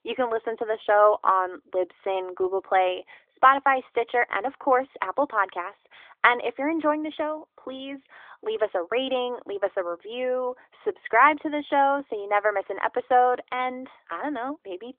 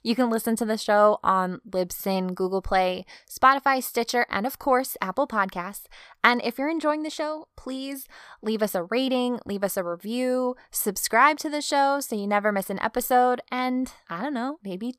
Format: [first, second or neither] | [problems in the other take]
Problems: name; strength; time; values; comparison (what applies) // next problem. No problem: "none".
second | phone-call audio; nothing above 3.5 kHz